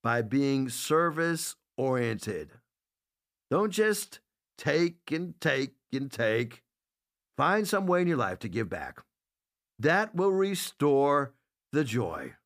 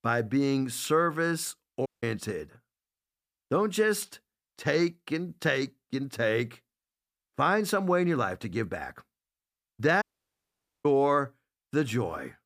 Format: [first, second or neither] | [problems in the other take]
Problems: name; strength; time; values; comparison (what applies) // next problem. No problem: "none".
first | audio cutting out; at 2 s and at 10 s for 1 s